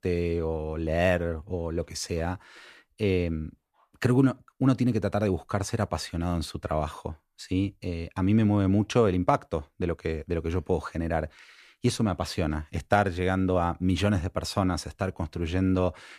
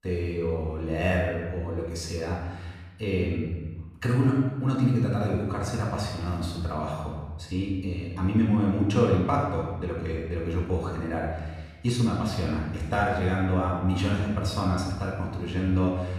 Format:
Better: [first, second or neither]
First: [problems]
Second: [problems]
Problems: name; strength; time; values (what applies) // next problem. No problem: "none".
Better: first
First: none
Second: off-mic speech; far // room echo; noticeable; dies away in 1.2 s